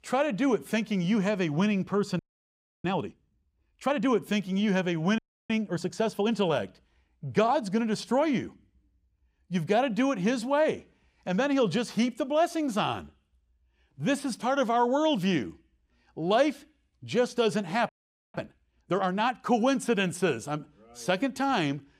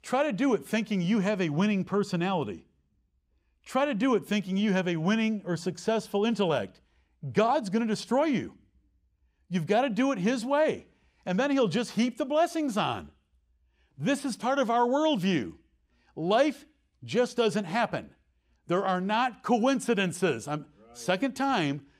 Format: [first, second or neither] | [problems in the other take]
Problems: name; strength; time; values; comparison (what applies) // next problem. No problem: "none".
second | audio freezing; at 2 s for 0.5 s, at 5 s and at 18 s